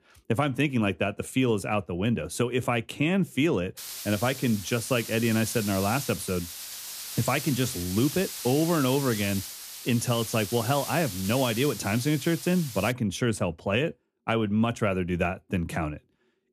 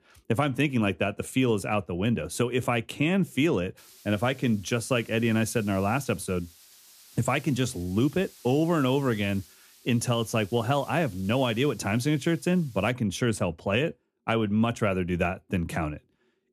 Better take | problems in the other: second | hiss; loud; from 4 to 13 s; 8 dB below the speech; faint in the second

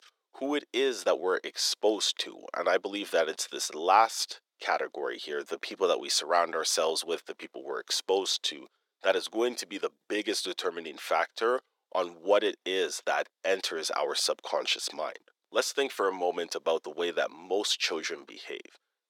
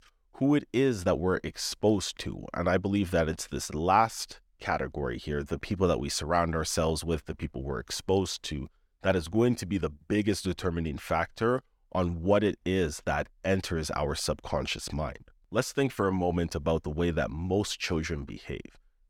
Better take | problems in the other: second | thin; very; fading below 400 Hz

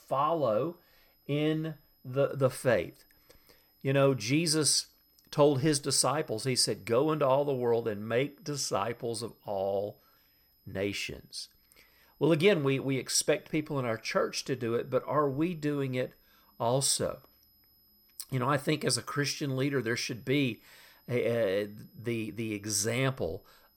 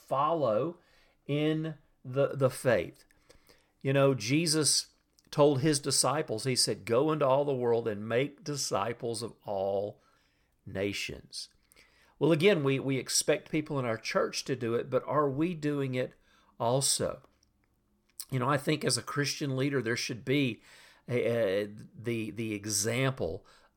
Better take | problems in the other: second | high-pitched whine; faint; throughout; 12 kHz, 35 dB below the speech

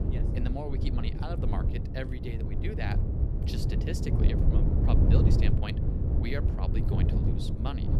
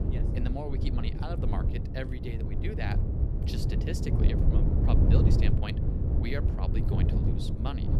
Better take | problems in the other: neither | wind noise on the microphone; heavy; 1 dB above the speech; the same in both

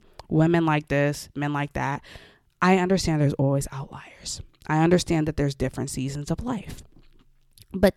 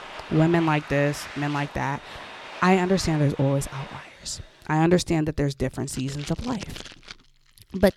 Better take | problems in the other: first | household noises; noticeable; throughout; 15 dB below the speech

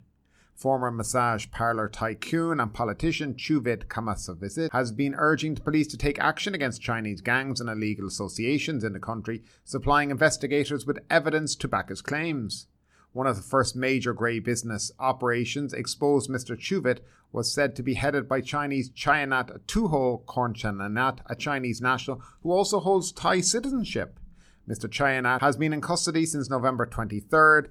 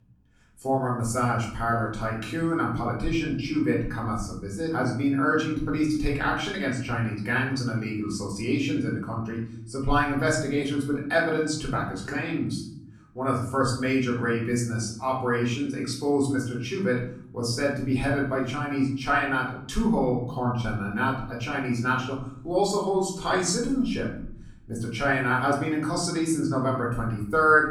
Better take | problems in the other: first | room echo; noticeable; dies away in 0.7 s // off-mic speech; far

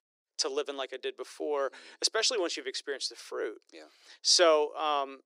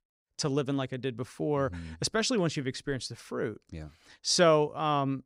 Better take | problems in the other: second | thin; very; fading below 350 Hz

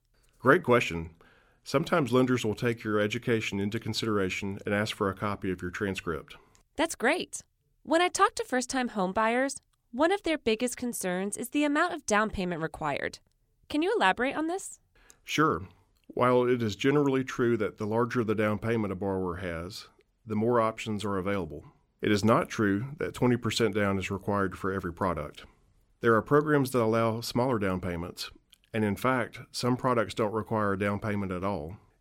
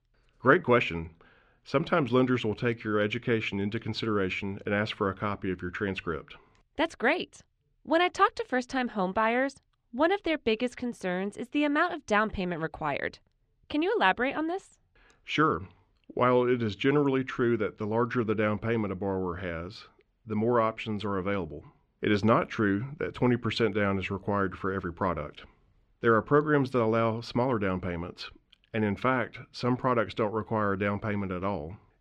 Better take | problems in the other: first | muffled; very slightly; fading above 3 kHz

